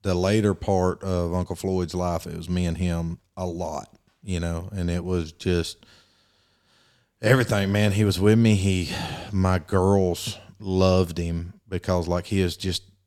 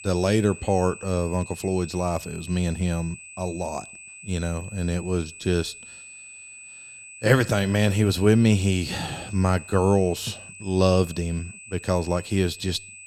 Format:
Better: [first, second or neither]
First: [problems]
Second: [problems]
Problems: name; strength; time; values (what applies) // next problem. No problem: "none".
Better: first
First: none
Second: high-pitched whine; noticeable; throughout; 2.5 kHz, 15 dB below the speech